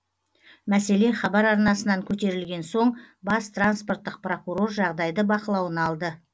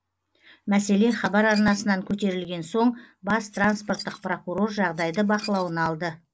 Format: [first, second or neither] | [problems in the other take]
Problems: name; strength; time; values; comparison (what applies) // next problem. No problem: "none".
first | noise reduction (neural mask model Resemble Enhance denoiser)